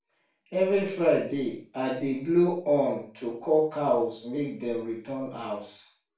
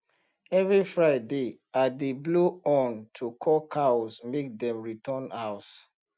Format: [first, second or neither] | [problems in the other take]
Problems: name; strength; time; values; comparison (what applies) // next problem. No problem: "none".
second | room echo; dies away in 0.4 s